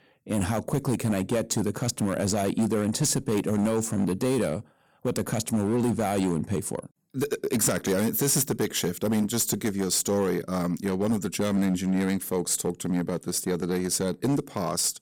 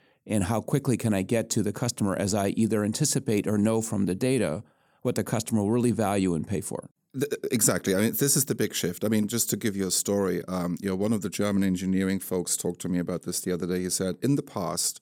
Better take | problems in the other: second | distortion; slight; 9% of the sound clipped

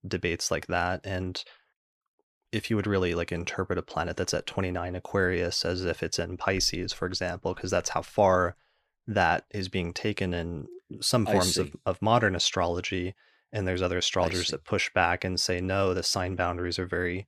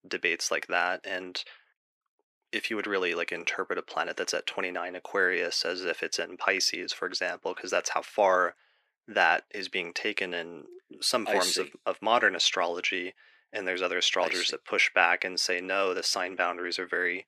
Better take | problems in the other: first | thin; somewhat; fading below 300 Hz

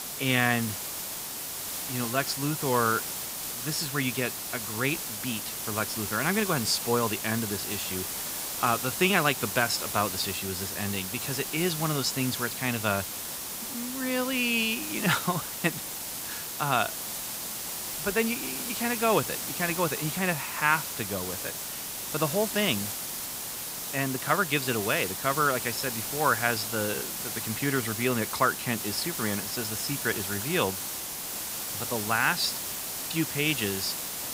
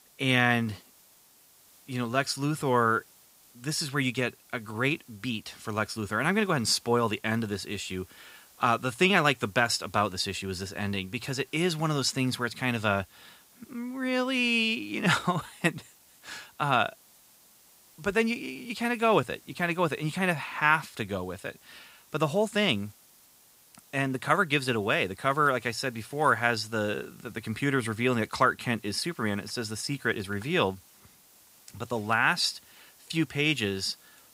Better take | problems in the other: second | hiss; loud; throughout; 3 dB below the speech; faint in the second

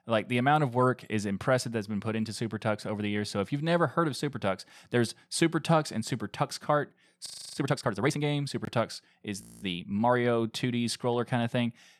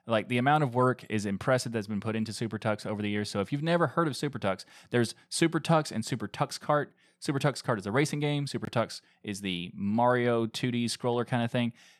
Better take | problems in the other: second | audio freezing; at 7.5 s and at 9.5 s

